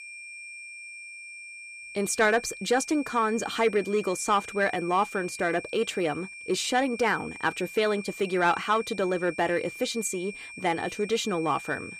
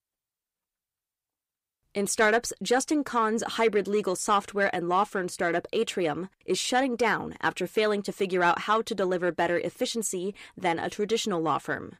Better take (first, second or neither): second